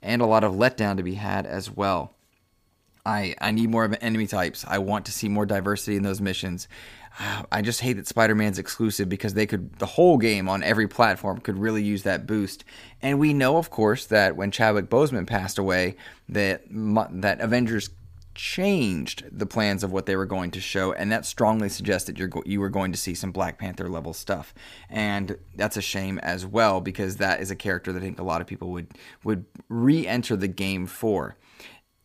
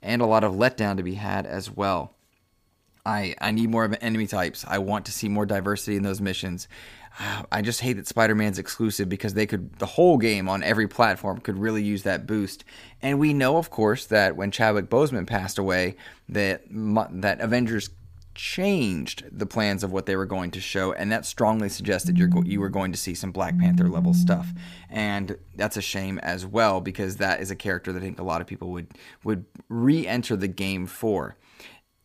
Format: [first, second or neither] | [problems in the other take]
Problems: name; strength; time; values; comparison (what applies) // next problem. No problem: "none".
first | phone ringing; loud; from 22 to 25 s; peak 5 dB above the speech